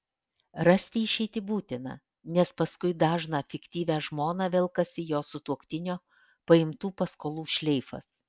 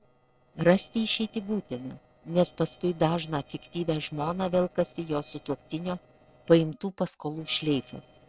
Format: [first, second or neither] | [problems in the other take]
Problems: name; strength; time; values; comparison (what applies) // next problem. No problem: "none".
first | noise reduction (neural separator model SepFormer DNS4)